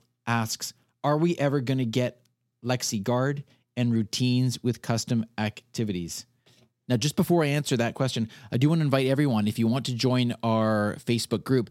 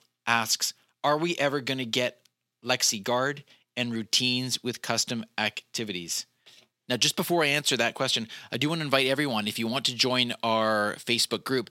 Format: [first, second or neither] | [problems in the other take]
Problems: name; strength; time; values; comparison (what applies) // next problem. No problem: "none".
first | thin; somewhat; fading below 750 Hz